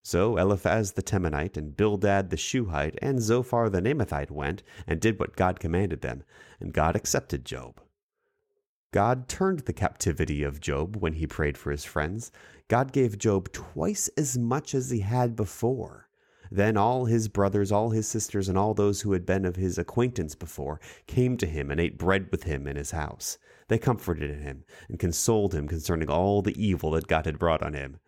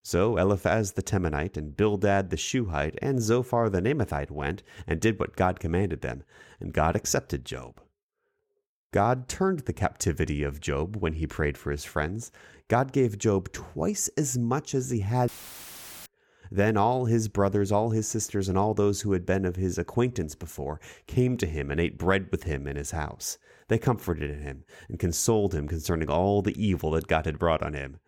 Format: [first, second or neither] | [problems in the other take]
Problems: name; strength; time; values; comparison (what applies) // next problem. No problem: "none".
first | audio cutting out; filled with static; at 15 s for 1 s